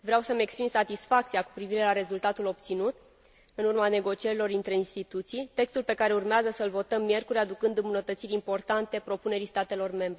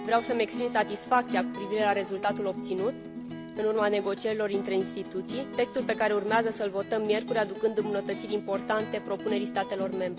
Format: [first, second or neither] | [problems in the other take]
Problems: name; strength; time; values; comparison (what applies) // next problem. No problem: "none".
first | background sound (Acoustic guitar); 8 dB below the speech